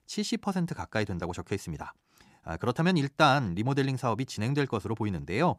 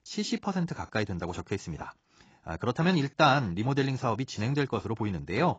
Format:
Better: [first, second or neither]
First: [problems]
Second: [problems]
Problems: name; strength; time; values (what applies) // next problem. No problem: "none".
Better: first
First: none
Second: garbled, watery; badly; nothing above 7.5 kHz